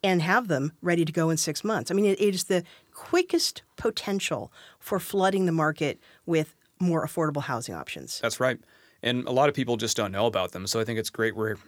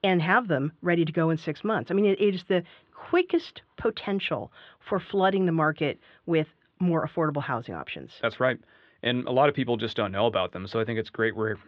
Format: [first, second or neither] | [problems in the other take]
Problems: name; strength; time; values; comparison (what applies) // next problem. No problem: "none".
first | muffled; very; fading above 3.5 kHz